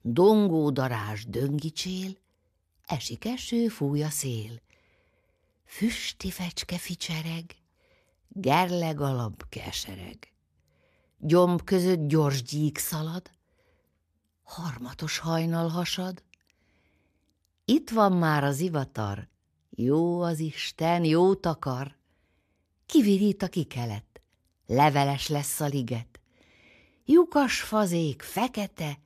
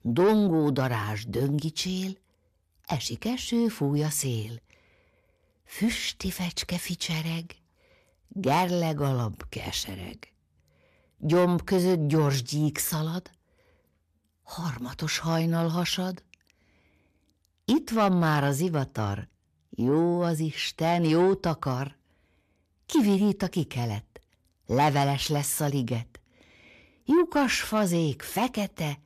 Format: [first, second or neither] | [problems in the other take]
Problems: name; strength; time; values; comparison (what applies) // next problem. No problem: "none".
first | distortion; slight; 10 dB below the speech